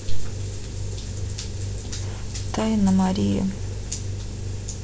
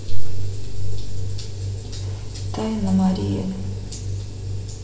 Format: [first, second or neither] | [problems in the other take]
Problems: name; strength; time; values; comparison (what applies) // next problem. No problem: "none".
first | room echo; dies away in 2.2 s